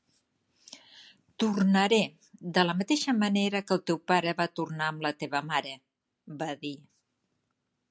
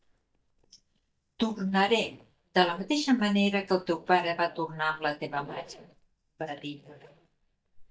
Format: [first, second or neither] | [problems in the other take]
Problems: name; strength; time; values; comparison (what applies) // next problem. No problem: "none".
first | noise reduction (neural mask model DeepFilterNet 3)